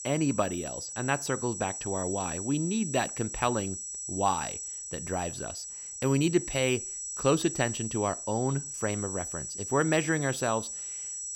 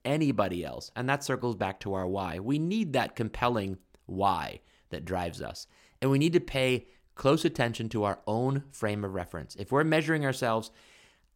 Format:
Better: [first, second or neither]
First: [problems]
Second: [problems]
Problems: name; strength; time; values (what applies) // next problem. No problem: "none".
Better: second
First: high-pitched whine; loud; throughout; 8 kHz, 5 dB below the speech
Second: none